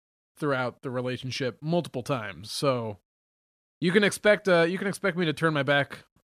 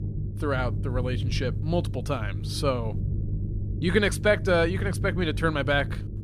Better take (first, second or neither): first